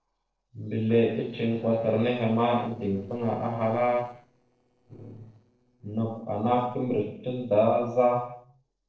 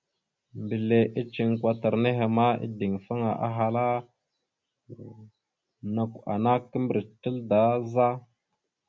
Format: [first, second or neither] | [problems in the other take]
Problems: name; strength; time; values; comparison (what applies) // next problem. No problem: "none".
second | noise reduction (neural separator model SepFormer DNS4)